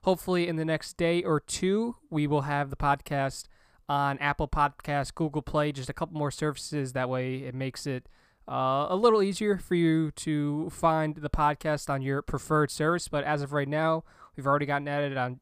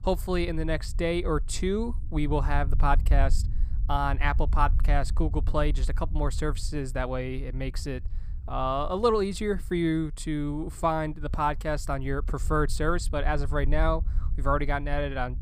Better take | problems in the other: first | low rumble; faint; throughout; 25 dB below the speech

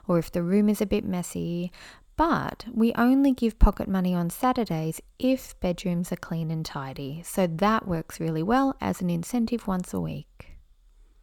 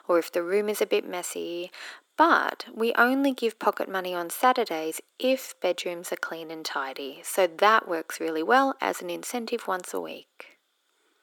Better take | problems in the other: first | thin; somewhat; fading below 300 Hz

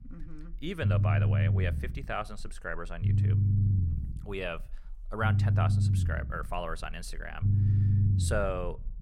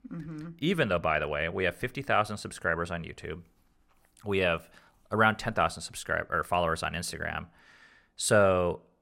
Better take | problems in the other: second | low rumble; loud; throughout; 6 dB below the speech

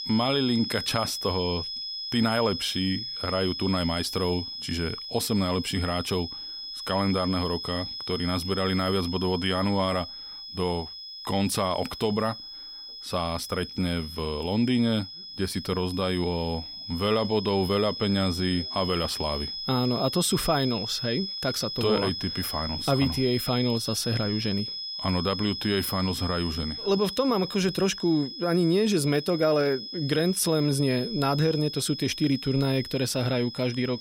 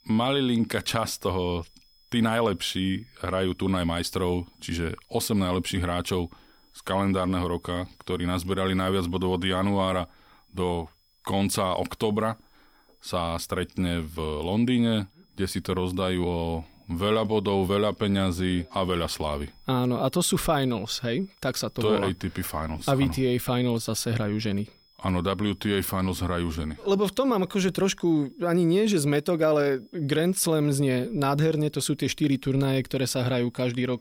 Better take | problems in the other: second | high-pitched whine; loud; throughout; 5 kHz, 7 dB below the speech; faint in the second

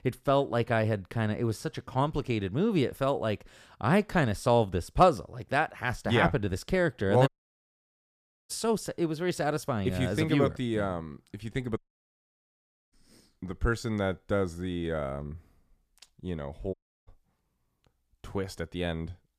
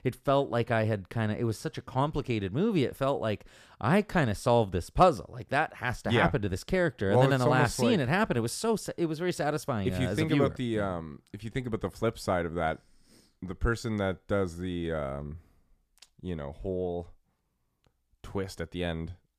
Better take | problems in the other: second | audio cutting out; at 7.5 s for 1 s, at 12 s for 1 s and at 17 s

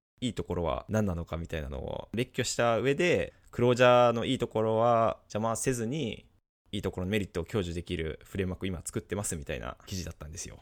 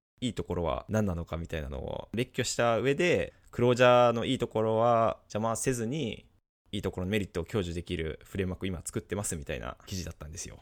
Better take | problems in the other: neither | none

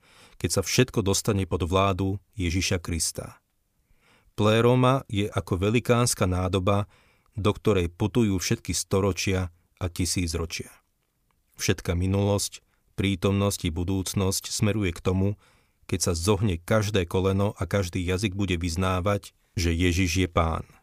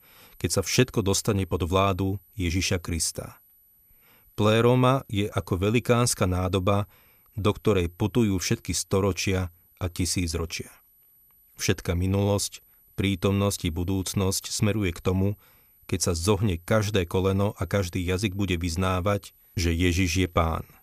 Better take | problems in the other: first | high-pitched whine; faint; throughout; 12 kHz, 30 dB below the speech

